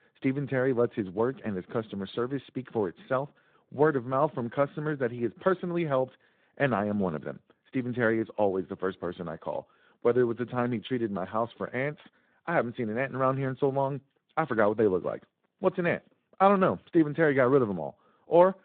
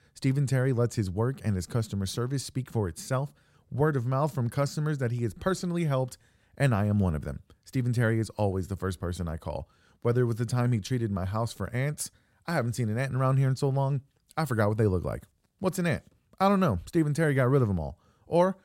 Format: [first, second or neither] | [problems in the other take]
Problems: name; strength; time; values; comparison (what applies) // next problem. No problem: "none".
second | phone-call audio; nothing above 4 kHz